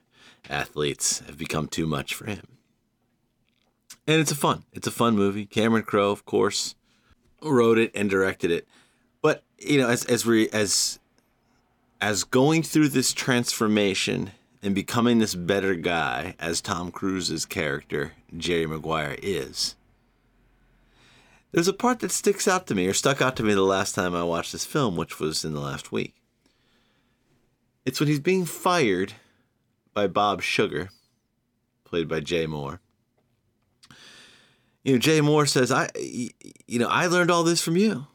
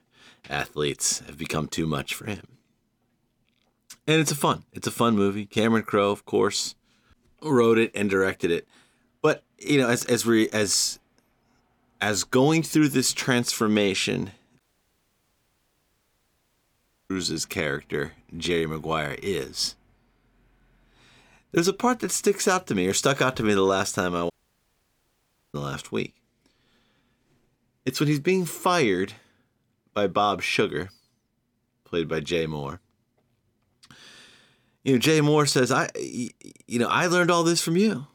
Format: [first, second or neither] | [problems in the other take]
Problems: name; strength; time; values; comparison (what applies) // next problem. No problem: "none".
first | audio cutting out; at 15 s for 2.5 s and at 24 s for 1 s